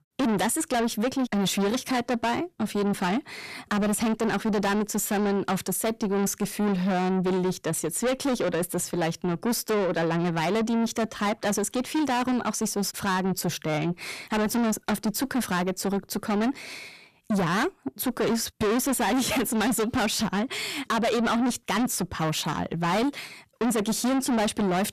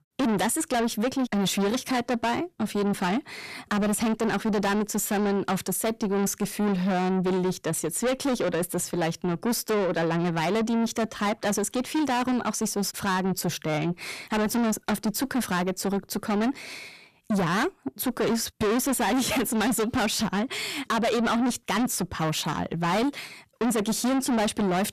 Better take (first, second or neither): neither